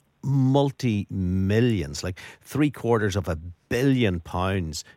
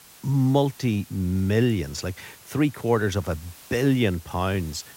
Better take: first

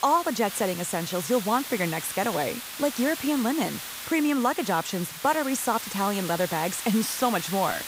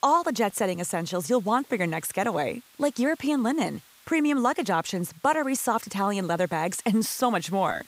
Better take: second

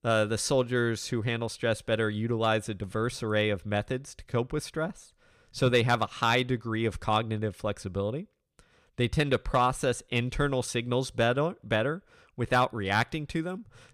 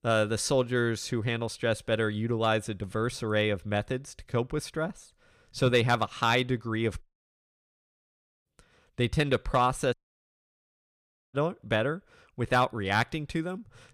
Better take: first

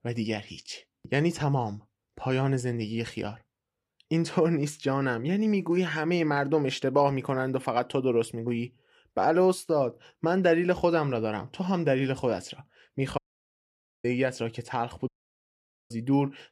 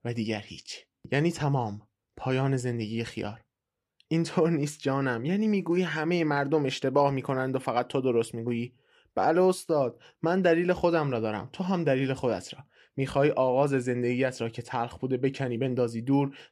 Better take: second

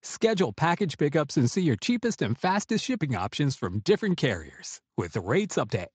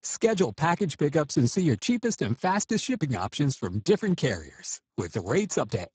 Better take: first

